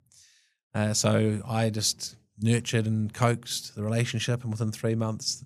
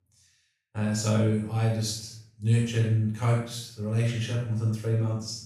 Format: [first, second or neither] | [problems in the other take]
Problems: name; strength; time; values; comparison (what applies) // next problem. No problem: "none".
first | off-mic speech; far // room echo; noticeable; dies away in 0.5 s